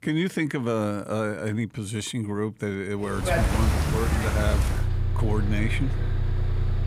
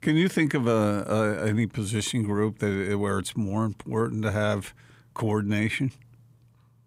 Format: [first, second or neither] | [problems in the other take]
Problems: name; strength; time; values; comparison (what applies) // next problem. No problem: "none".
second | traffic noise; very loud; from 3 s on; 3 dB above the speech